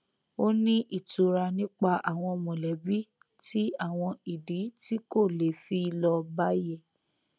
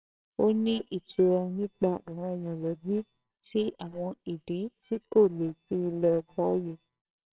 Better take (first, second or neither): first